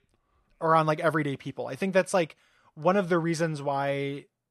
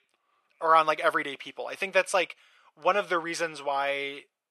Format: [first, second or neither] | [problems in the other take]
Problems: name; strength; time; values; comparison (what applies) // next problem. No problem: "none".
first | thin; very; fading below 550 Hz